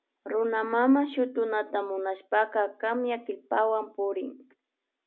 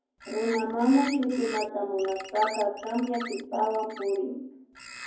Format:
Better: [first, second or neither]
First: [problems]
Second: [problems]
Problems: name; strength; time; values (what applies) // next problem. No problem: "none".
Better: first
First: none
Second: background sound (Bird); 14 dB below the speech // room echo; dies away in 0.9 s